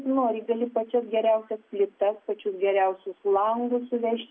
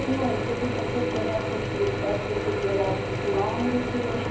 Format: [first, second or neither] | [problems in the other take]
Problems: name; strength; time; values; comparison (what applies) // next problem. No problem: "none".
first | background sound (Drill / Mechanisms); as loud as the speech // room echo; dies away in 0.5 s